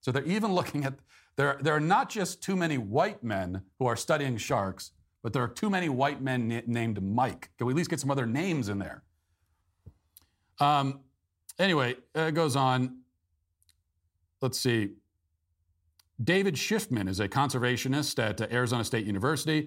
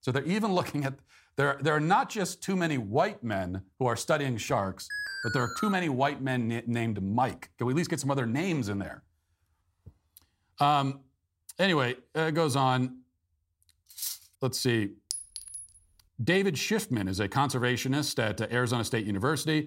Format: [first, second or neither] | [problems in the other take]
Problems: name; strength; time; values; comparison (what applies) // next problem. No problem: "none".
first | alarm; noticeable; at 5 s; peak 5 dB below the speech // clattering dishes; noticeable; at 14 s and at 15 s; peak 6 dB below the speech